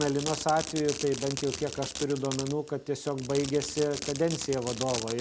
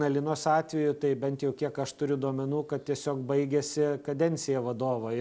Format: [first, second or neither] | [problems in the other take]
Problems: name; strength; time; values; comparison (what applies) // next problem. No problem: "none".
second | background sound (Fireworks); 9 dB below the speech